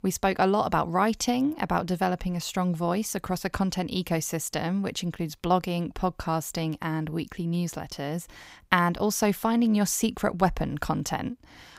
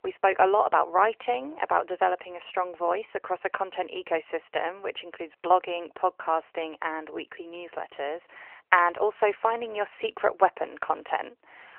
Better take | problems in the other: first | phone-call audio; nothing above 3 kHz

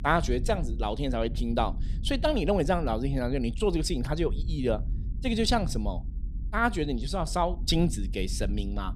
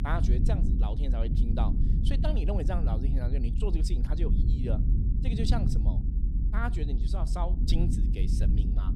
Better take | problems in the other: first | low rumble; loud; throughout; 4 dB below the speech; faint in the first

